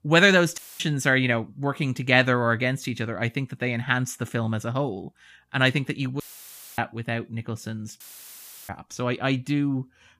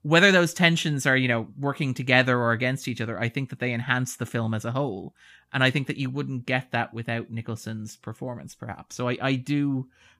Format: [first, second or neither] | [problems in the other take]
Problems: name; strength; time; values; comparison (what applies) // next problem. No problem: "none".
second | audio cutting out; filled with static; at 0.5 s, at 6 s for 0.5 s and at 8 s for 0.5 s